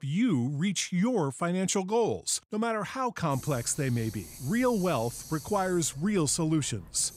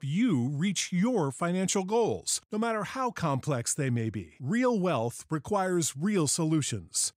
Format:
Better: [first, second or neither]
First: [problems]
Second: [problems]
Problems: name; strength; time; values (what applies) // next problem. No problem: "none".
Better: second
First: hiss; noticeable; from 3.5 s on; 15 dB below the speech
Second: none